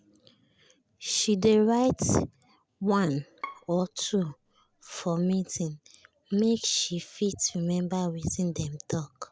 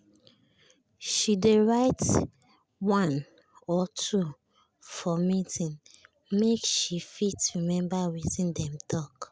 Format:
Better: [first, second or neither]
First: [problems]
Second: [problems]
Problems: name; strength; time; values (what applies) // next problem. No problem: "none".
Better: second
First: background sound (Bowed string instrument); 18 dB below the speech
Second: none